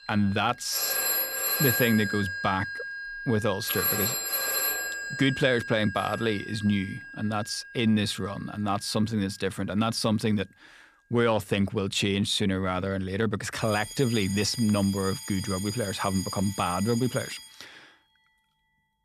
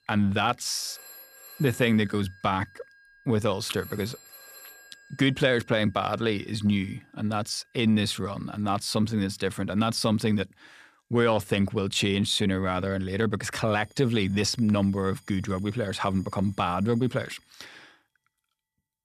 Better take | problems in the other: second | alarms or sirens; loud; throughout; 3 dB below the speech; faint in the second

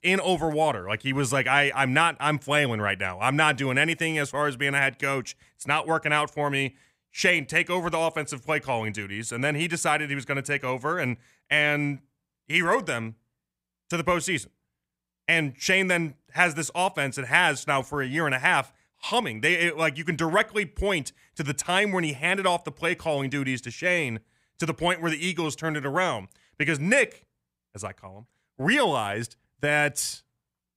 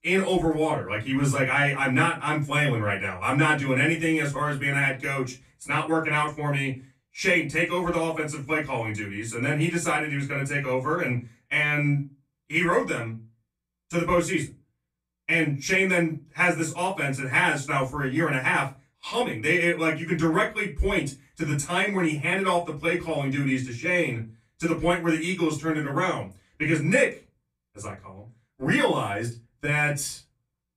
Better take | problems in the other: first | off-mic speech; far // room echo; slight; dies away in 0.2 s

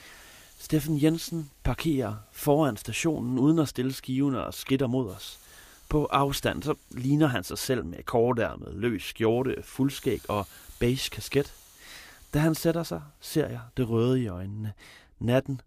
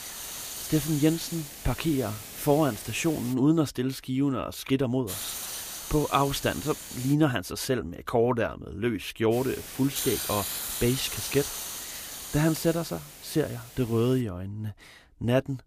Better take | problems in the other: first | hiss; loud; until 3.5 s, from 5 to 7 s and from 9.5 to 14 s; 7 dB below the speech; faint in the first

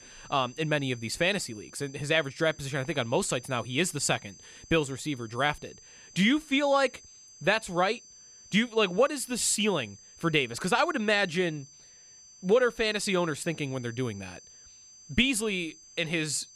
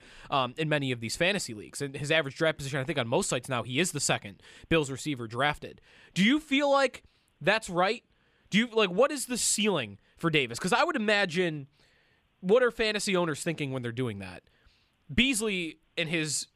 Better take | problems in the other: second | high-pitched whine; faint; throughout; 6 kHz, 20 dB below the speech

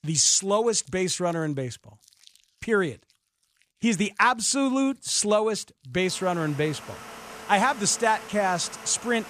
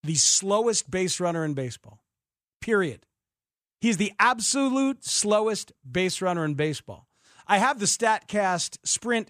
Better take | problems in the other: second | household noises; noticeable; throughout; 15 dB below the speech

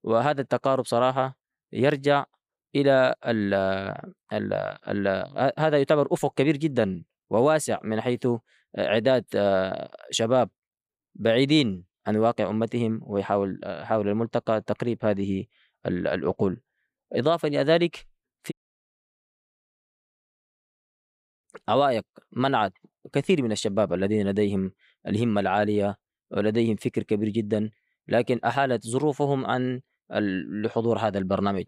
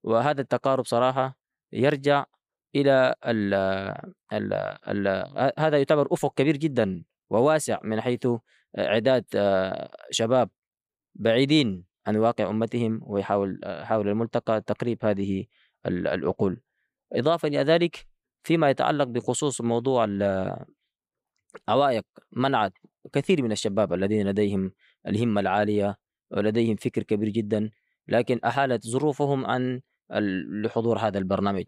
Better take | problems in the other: second | audio cutting out; at 19 s for 3 s

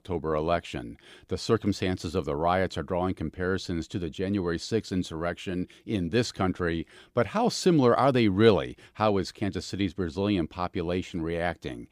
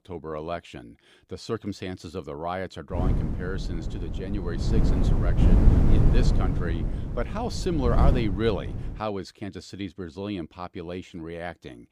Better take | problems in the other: first | wind noise on the microphone; heavy; from 3 to 9 s; 2 dB below the speech

